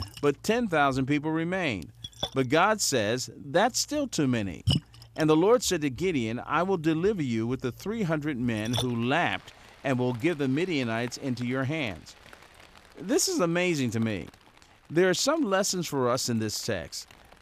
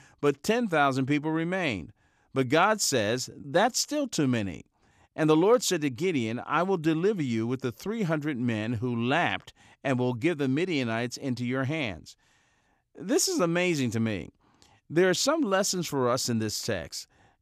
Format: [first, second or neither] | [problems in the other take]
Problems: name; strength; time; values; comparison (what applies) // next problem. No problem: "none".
second | rain or running water; noticeable; throughout; 10 dB below the speech